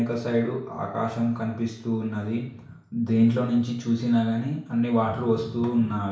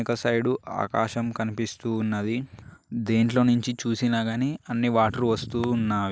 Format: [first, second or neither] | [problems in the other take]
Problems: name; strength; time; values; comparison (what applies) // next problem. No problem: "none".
second | room echo; dies away in 0.6 s